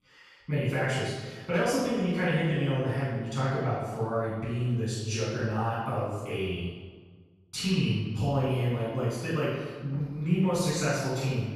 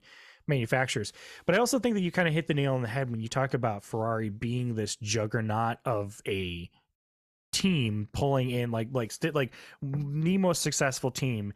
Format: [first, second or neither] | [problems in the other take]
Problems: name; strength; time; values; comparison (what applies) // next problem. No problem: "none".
second | off-mic speech; far // room echo; strong; dies away in 1.2 s